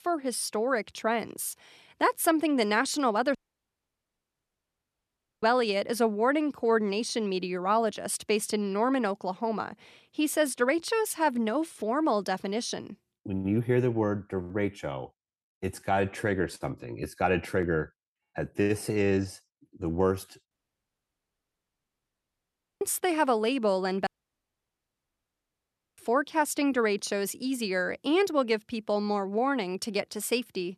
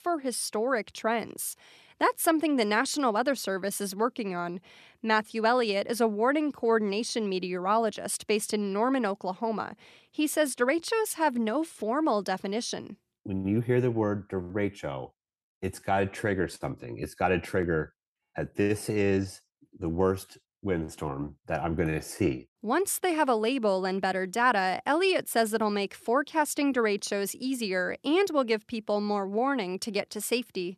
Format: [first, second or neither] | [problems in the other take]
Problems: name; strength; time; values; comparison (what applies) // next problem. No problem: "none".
second | audio cutting out; at 3.5 s for 2 s, at 21 s for 2.5 s and at 24 s for 2 s